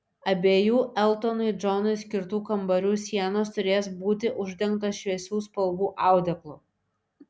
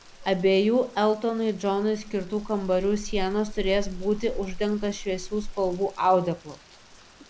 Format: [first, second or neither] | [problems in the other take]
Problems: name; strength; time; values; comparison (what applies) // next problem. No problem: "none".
first | background sound (Rain); 11 dB below the speech